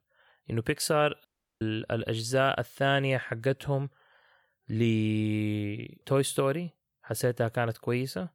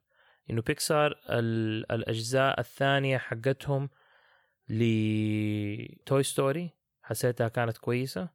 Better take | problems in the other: second | audio cutting out; at 1.5 s

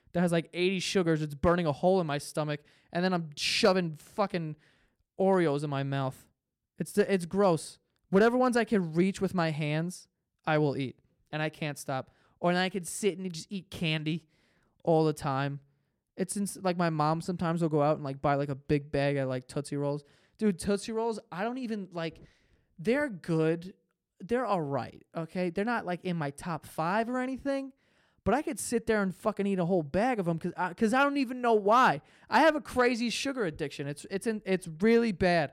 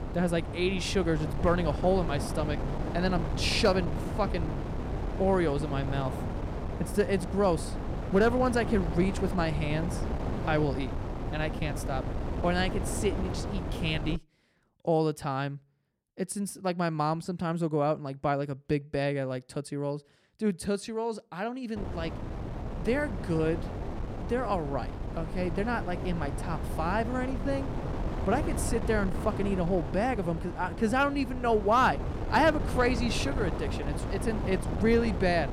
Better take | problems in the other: first | wind noise on the microphone; heavy; until 14 s and from 22 s on; 9 dB below the speech

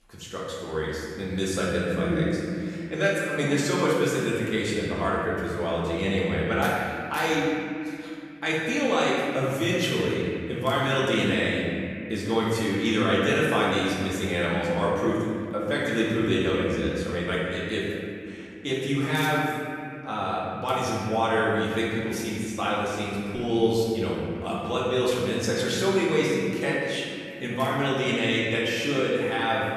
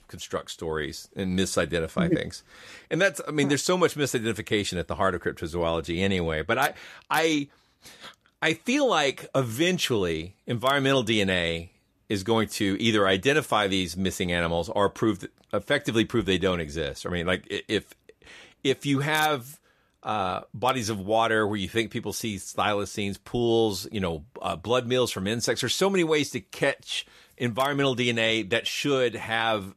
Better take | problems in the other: second | room echo; strong; dies away in 2.4 s // off-mic speech; far

